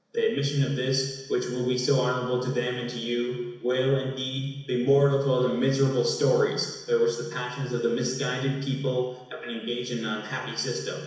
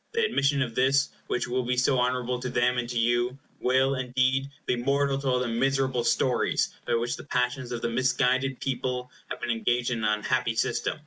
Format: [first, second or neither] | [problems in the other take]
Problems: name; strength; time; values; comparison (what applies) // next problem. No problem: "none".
second | room echo; dies away in 1 s